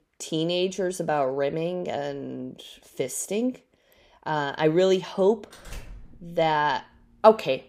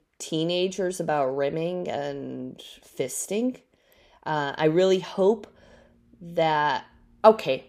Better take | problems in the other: second | door banging; faint; at 5.5 s; peak 20 dB below the speech

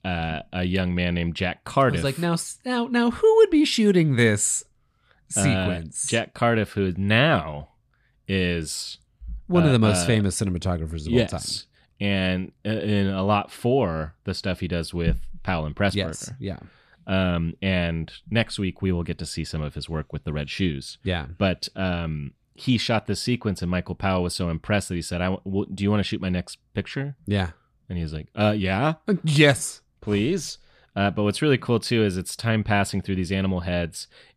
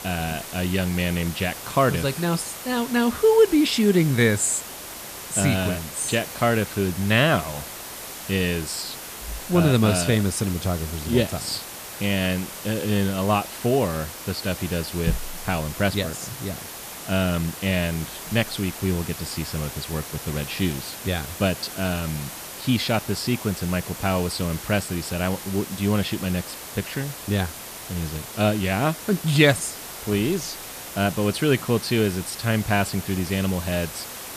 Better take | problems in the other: first | hiss; noticeable; throughout; 10 dB below the speech

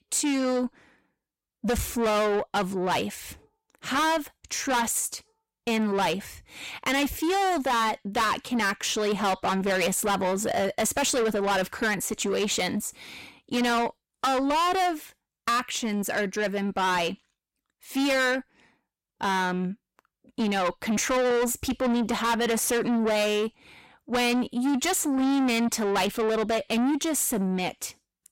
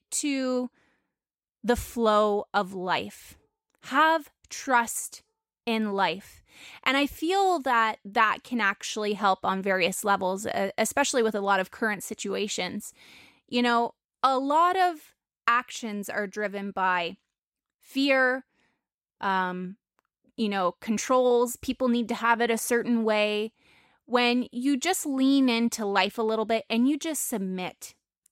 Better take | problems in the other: second | distortion; heavy; 6 dB below the speech

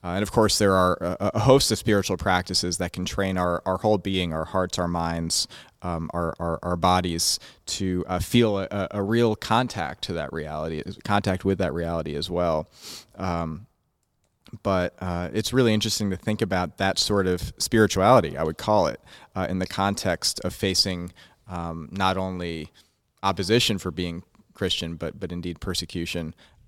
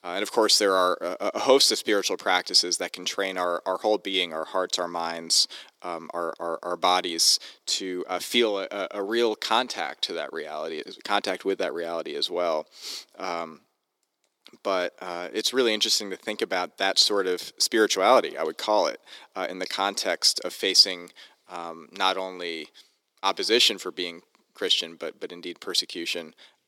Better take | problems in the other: first | thin; somewhat; fading below 300 Hz

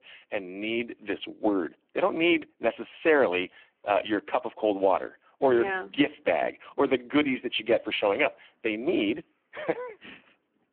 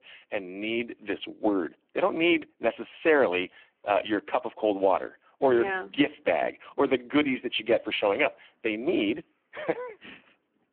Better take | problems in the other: neither | phone-call audio; poor line; the same in both

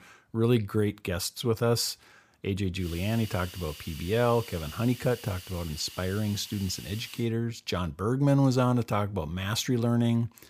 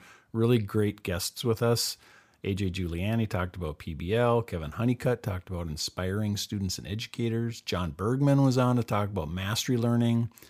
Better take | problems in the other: second | hiss; noticeable; from 3 to 7 s; 15 dB below the speech

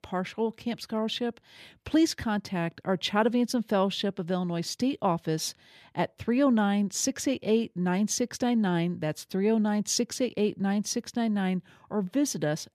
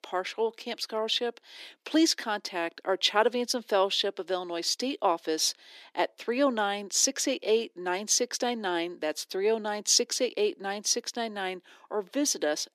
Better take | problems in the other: first | thin; somewhat; fading below 300 Hz

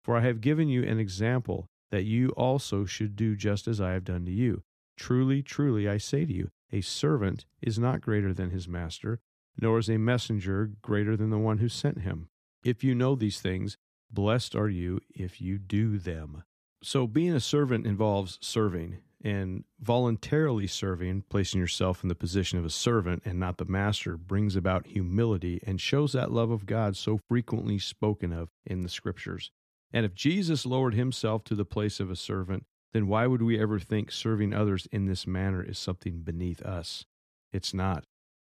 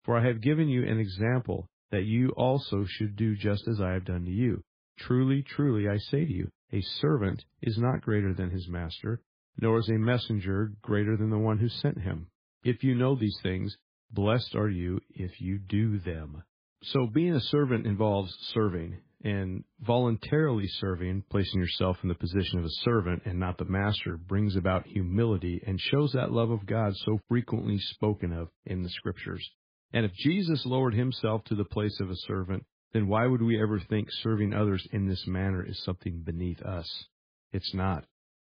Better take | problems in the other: first | garbled, watery; badly; nothing above 4.5 kHz

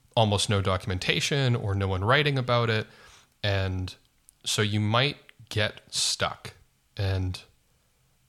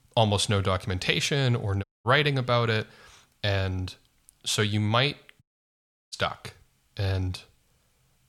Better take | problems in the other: first | audio cutting out; at 2 s and at 5.5 s for 0.5 s

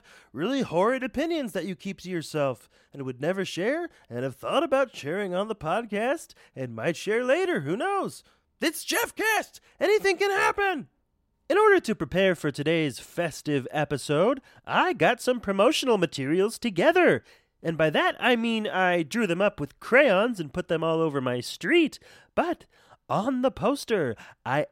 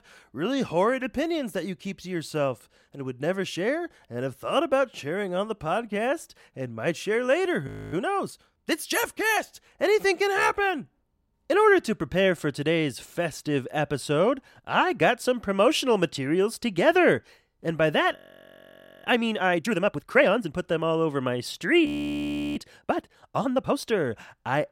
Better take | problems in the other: first | audio freezing; at 7.5 s, at 18 s for 1 s and at 22 s for 0.5 s

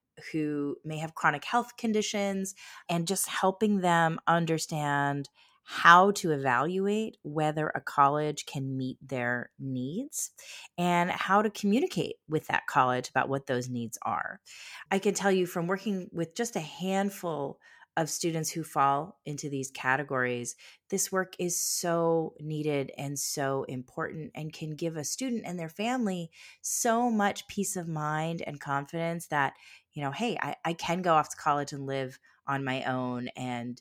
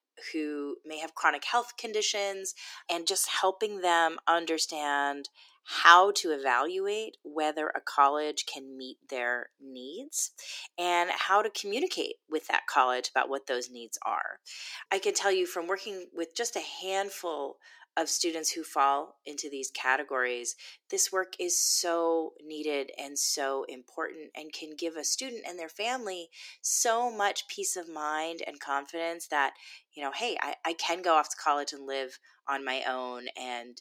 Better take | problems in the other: first | thin; very; fading below 300 Hz

